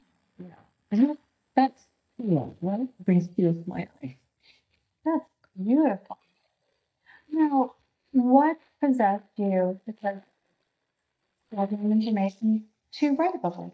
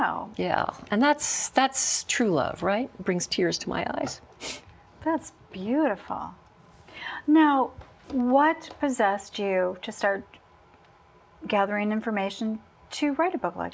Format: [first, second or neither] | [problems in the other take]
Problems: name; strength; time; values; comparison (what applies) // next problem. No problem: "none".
second | noise reduction (neural mask model DeepFilterNet 3)